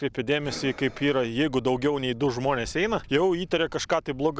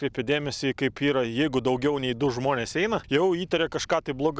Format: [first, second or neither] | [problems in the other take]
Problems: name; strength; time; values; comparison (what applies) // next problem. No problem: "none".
second | background sound (Breathing); 20 dB below the speech